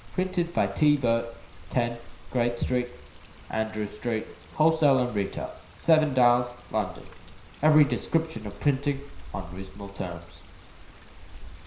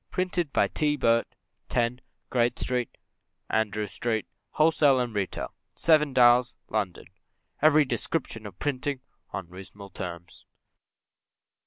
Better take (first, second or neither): second